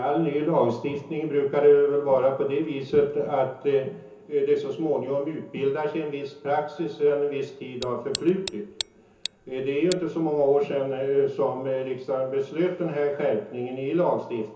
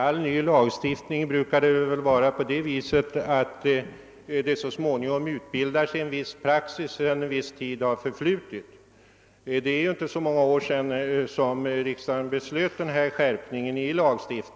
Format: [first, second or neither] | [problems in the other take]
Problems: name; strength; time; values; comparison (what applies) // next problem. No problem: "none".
second | background sound (Tick); 14 dB below the speech // room echo; dies away in 0.6 s